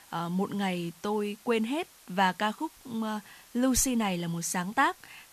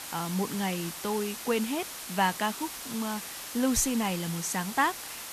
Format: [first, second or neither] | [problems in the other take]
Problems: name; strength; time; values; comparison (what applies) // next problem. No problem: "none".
first | hiss; loud; throughout; 7 dB below the speech; faint in the first